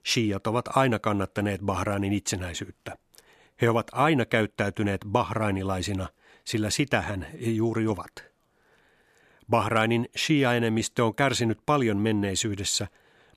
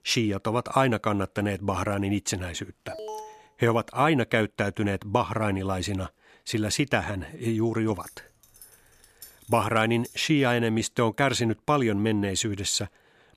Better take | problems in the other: first | alarm; faint; at 3 s; peak 10 dB below the speech // jangling keys; faint; from 8 to 11 s; peak 15 dB below the speech

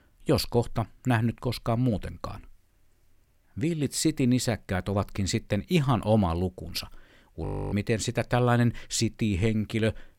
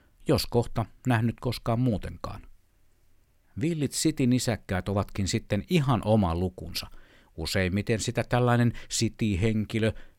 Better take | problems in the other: second | audio freezing; at 7.5 s

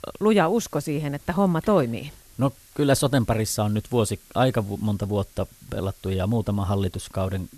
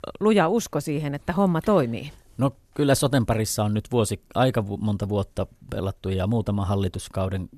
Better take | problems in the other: second | hiss; faint; throughout; 25 dB below the speech

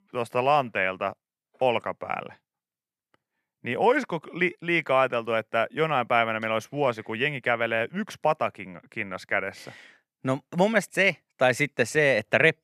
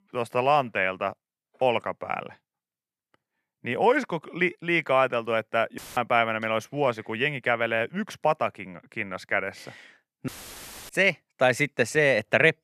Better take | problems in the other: first | audio cutting out; filled with static; at 6 s and at 10 s for 0.5 s

